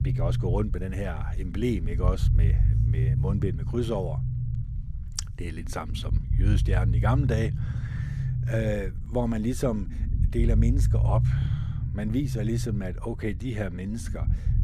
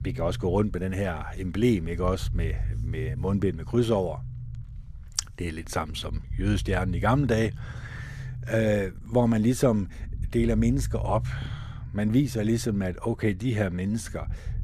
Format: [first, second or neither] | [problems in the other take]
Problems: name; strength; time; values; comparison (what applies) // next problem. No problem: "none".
second | low rumble; loud; throughout; 7 dB below the speech; faint in the second